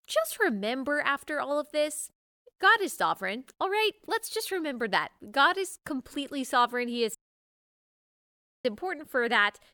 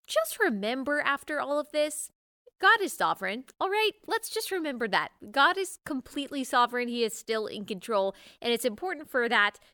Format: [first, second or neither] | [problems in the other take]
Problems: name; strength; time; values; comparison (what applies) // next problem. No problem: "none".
second | audio cutting out; at 7 s for 1.5 s